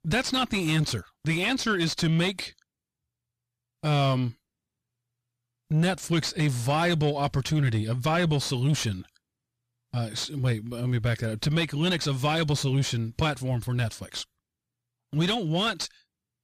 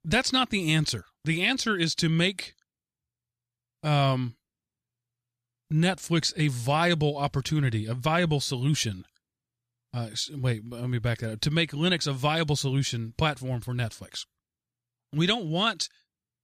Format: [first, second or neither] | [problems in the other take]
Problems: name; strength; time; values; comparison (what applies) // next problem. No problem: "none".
second | distortion; slight; 10 dB below the speech